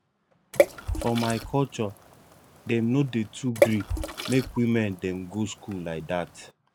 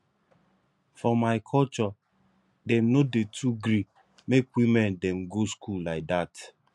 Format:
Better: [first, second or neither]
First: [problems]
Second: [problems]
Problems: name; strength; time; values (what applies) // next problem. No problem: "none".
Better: second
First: background sound (Water / Splash, splatter); 2 dB below the speech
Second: none